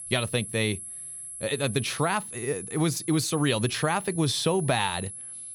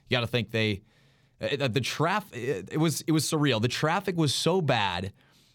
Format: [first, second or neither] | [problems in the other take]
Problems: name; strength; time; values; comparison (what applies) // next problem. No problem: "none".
second | high-pitched whine; loud; throughout; 11 kHz, 9 dB below the speech